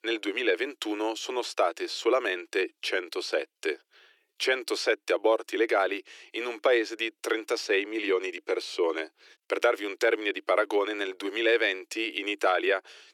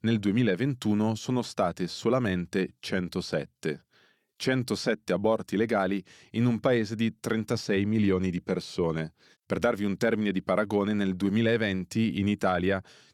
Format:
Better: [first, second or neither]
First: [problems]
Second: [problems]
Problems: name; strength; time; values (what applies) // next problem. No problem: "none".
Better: second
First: thin; very; fading below 300 Hz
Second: none